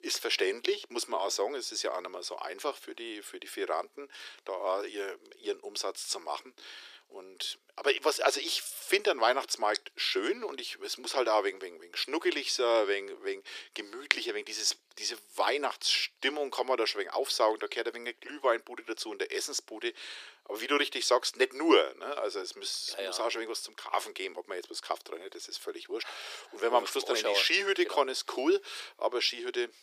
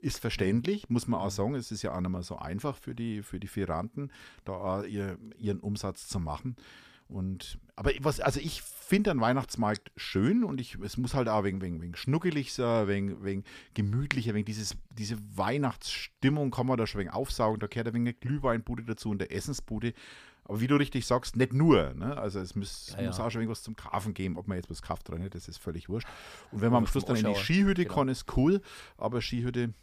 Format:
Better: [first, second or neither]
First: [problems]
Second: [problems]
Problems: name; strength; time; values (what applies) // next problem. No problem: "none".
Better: second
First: thin; very; fading below 350 Hz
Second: none